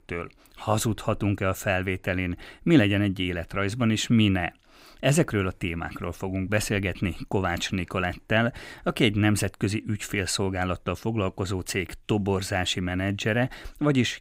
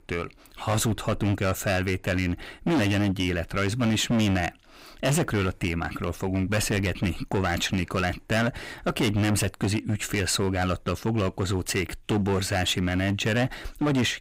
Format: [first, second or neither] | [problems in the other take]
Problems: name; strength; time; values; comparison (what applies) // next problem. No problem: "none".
first | distortion; heavy; 14% of the sound clipped